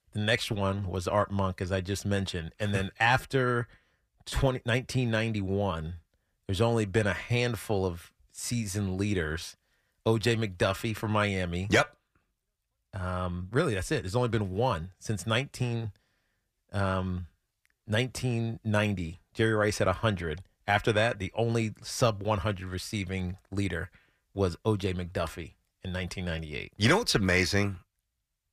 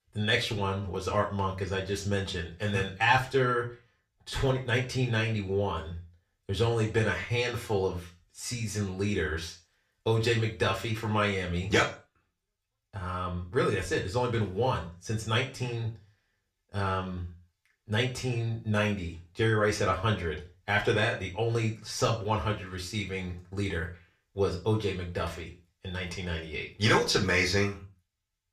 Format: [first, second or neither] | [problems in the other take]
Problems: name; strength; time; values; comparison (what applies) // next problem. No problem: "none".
first | room echo; slight; dies away in 0.3 s // off-mic speech; far